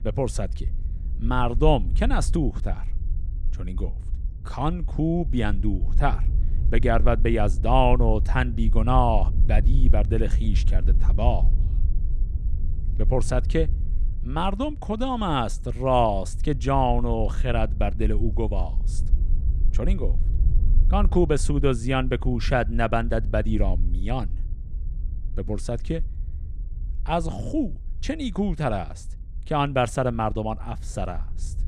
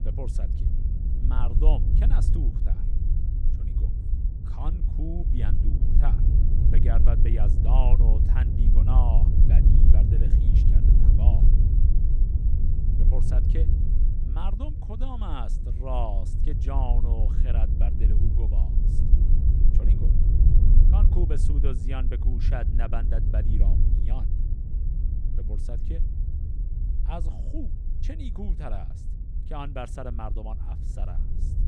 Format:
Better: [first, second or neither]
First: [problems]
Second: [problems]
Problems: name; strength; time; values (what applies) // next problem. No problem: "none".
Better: first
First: low rumble; faint; throughout; 20 dB below the speech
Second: low rumble; loud; throughout; 3 dB below the speech